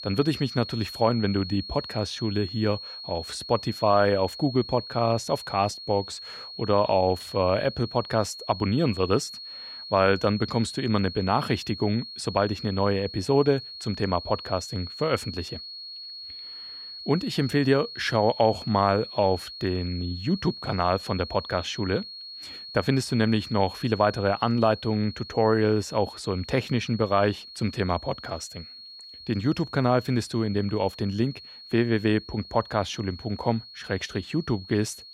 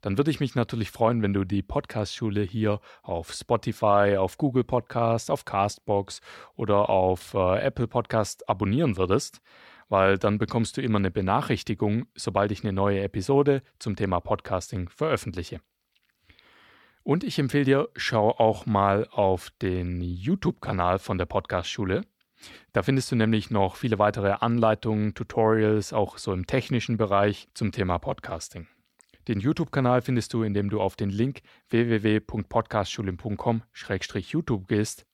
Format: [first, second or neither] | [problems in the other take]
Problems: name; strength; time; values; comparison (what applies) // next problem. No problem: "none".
second | high-pitched whine; noticeable; throughout; 4.5 kHz, 10 dB below the speech